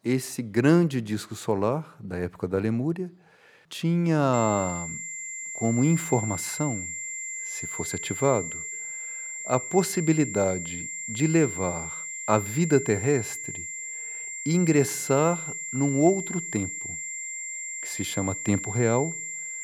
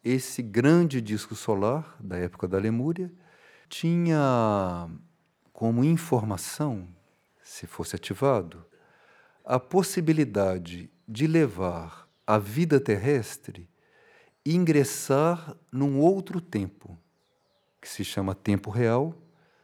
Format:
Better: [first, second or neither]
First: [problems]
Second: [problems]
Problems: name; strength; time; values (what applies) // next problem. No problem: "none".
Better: second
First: high-pitched whine; loud; from 4.5 s on; 7.5 kHz, 7 dB below the speech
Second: none